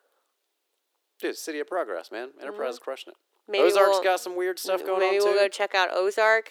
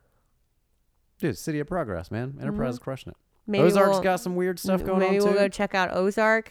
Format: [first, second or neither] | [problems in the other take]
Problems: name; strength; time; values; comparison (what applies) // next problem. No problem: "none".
second | thin; very; fading below 350 Hz